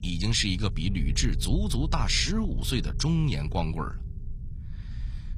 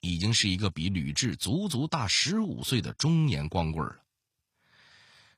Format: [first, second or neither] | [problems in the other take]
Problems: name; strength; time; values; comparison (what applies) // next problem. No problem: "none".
second | low rumble; noticeable; throughout; 20 dB below the speech